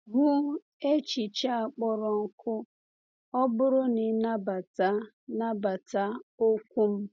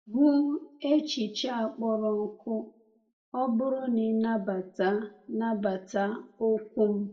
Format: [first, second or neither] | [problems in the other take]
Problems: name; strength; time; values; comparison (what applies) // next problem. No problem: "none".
first | room echo; dies away in 0.4 s